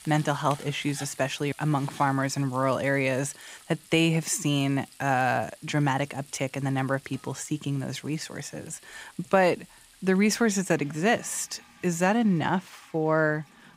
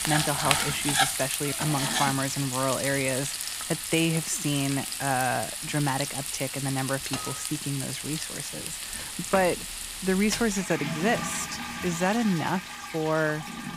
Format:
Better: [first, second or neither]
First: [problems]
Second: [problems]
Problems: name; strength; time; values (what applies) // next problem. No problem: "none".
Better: first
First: household noises; faint; throughout; 20 dB below the speech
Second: household noises; loud; throughout; 2 dB below the speech